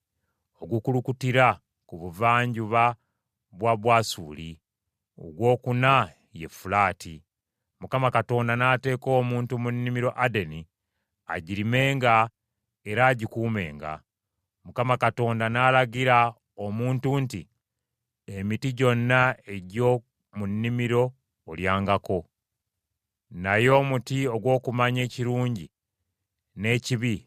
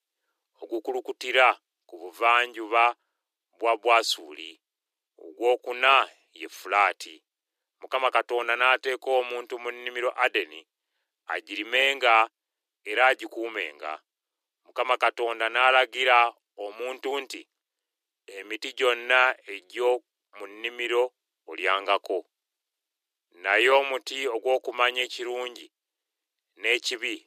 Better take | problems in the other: first | thin; very; fading below 300 Hz

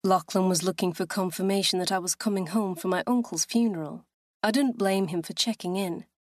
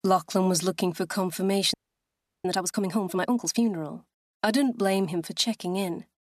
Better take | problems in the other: first | audio freezing; at 1.5 s for 0.5 s

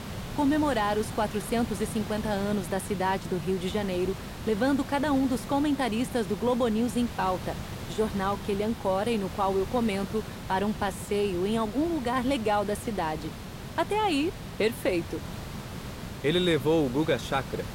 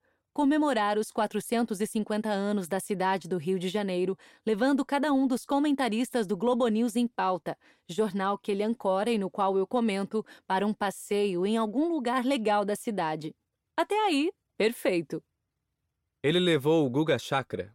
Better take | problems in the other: second | hiss; noticeable; throughout; 10 dB below the speech

